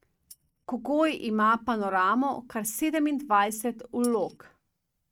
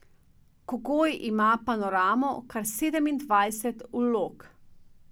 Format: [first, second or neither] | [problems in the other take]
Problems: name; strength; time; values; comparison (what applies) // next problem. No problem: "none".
second | noise reduction (neural mask model RNNoise)